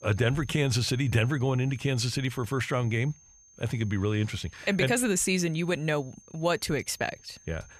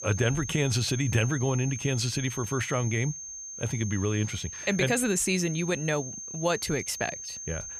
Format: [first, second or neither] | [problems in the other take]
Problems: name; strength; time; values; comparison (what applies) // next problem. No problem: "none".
first | high-pitched whine; loud; throughout; 6.5 kHz, 8 dB below the speech; faint in the first